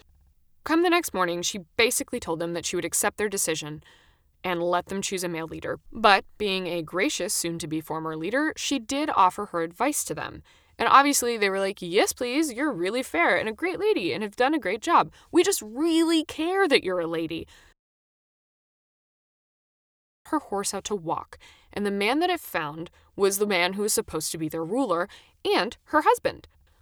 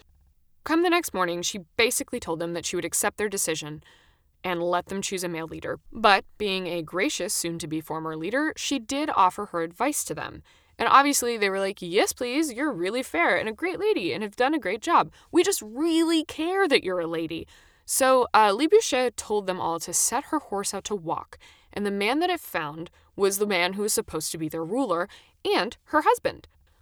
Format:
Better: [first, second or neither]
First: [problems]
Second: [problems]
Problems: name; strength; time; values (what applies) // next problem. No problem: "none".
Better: second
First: audio cutting out; at 18 s for 2.5 s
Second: none